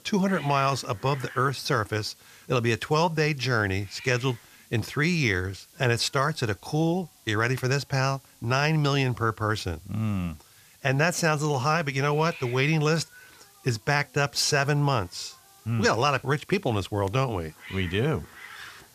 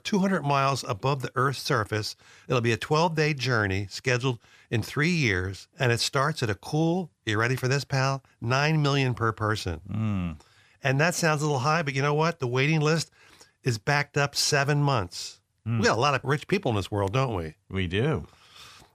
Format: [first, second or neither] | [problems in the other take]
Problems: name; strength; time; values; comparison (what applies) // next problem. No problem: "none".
second | hiss; faint; throughout; 20 dB below the speech